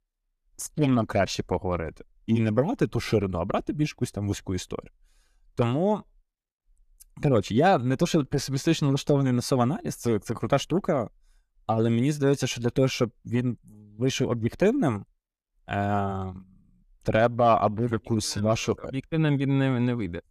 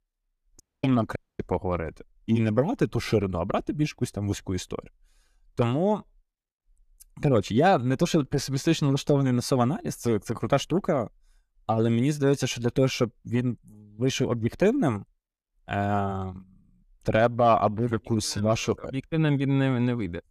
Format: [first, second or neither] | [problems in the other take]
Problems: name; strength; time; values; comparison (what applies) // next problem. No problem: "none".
first | audio cutting out; at 0.5 s and at 1 s